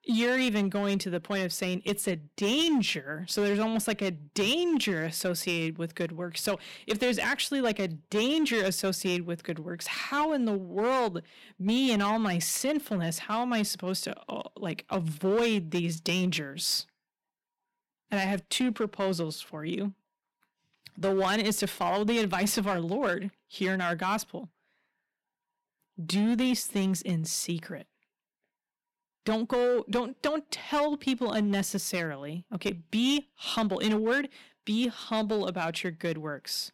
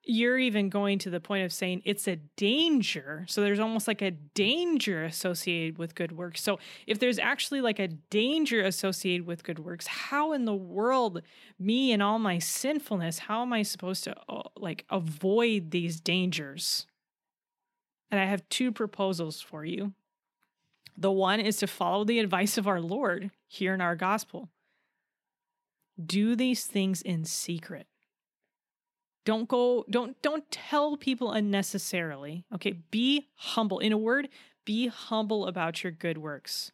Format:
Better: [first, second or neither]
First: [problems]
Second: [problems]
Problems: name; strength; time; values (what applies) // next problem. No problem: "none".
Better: second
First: distortion; slight; 6% of the sound clipped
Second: none